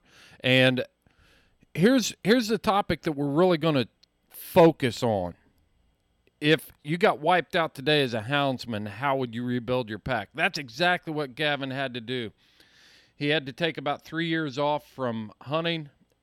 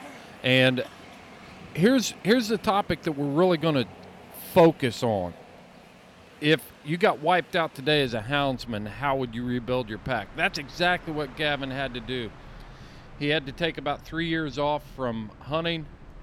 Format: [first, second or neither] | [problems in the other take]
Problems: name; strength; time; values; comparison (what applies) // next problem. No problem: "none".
first | train or aircraft noise; faint; throughout; 20 dB below the speech